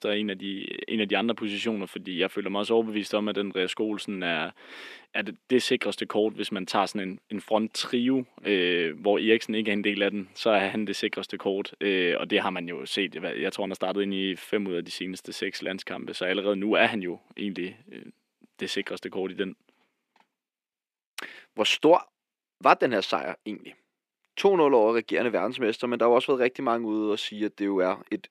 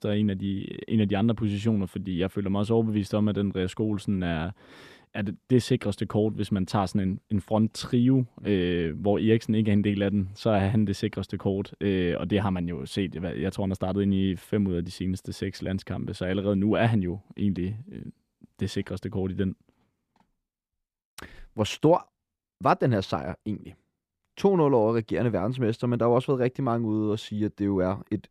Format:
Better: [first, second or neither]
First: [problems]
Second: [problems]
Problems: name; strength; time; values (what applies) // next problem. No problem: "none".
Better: second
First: thin; somewhat; fading below 300 Hz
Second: none